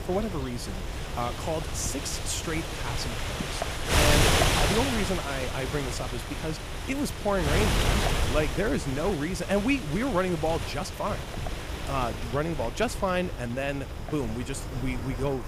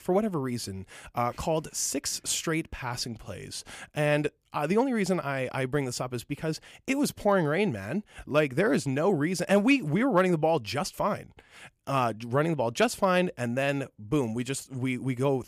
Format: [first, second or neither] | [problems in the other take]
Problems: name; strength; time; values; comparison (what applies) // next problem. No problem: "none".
second | wind noise on the microphone; heavy; as loud as the speech